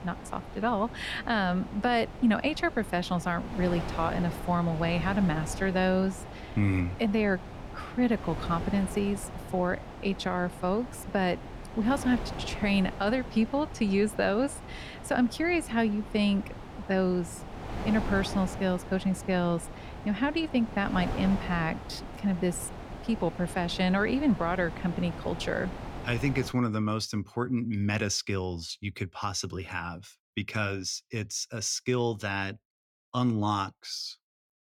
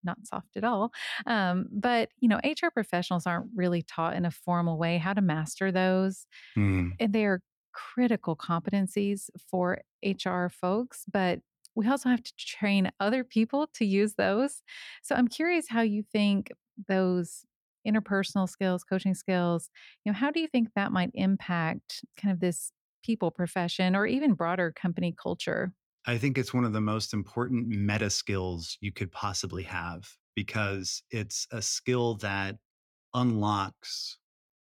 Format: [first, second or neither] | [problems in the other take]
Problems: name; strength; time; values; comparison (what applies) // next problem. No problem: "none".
second | wind noise on the microphone; occasional gusts; until 27 s; 10 dB below the speech